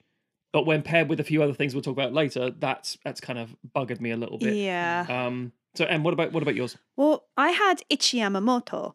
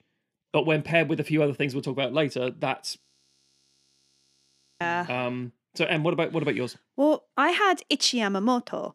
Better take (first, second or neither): first